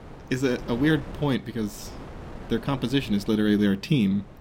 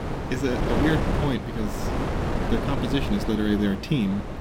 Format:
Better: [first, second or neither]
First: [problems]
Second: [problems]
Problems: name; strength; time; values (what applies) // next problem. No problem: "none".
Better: first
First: wind noise on the microphone; occasional gusts; 15 dB below the speech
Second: wind noise on the microphone; heavy; 1 dB below the speech